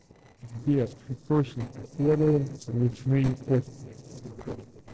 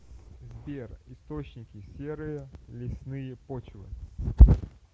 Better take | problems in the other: second | noise reduction (neural separator model SepFormer DNS4)

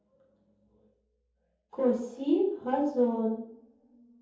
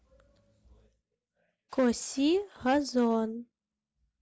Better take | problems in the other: second | room echo; dies away in 0.7 s

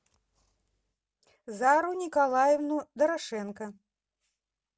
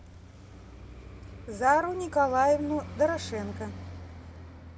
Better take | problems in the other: first | background sound (Traffic noise, roadway noise); 13 dB below the speech

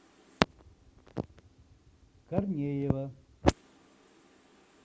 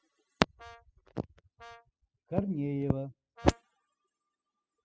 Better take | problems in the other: first | noise reduction (classical method spectral subtraction)

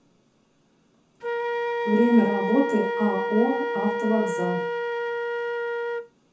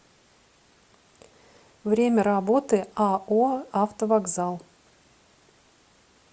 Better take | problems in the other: second | background sound (Wind instrument, woodwind instrument); 1 dB below the speech // room echo; dies away in 0.6 s

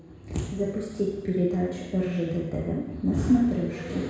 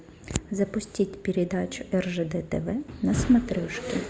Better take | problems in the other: second | room echo; dies away in 1.1 s

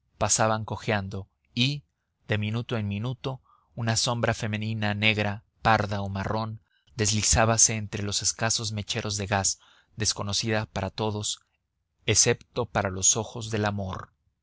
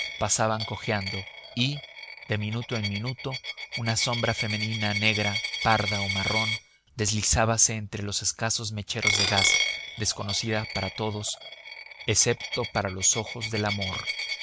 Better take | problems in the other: first | background sound (Coin (dropping)); 4 dB below the speech

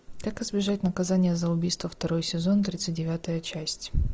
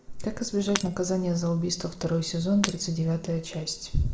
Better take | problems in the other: first | background sound (Shatter); 13 dB below the speech // room echo; dies away in 1 s

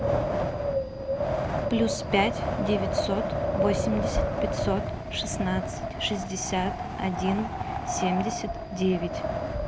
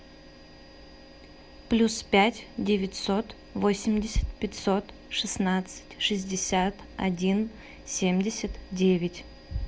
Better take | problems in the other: second | background sound (Wind); 1 dB above the speech

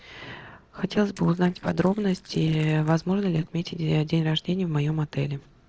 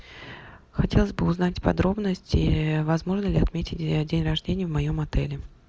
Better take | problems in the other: second | noise reduction (neural separator model SepFormer DNS4)

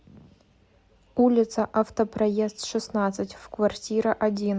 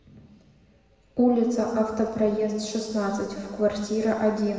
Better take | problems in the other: first | room echo; dies away in 1.6 s

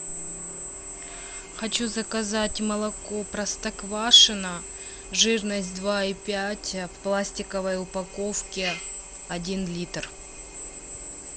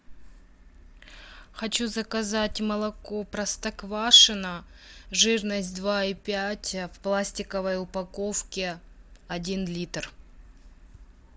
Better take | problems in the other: second | background sound (Drill); 10 dB below the speech

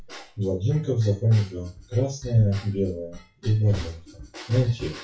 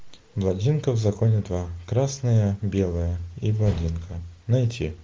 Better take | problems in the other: second | noise reduction (classical method WPE with log-MMSE)

